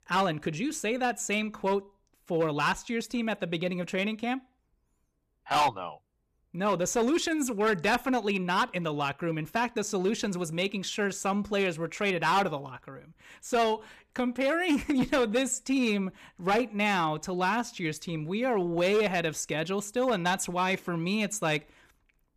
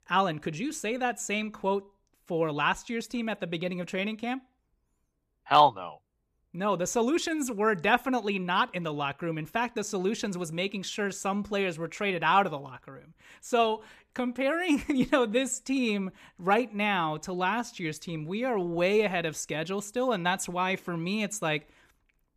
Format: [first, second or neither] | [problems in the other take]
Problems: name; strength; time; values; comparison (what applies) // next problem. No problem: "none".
second | distortion; slight; 4% of the sound clipped